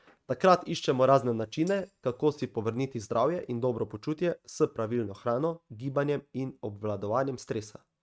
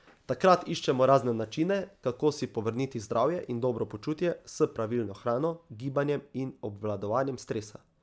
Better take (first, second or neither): second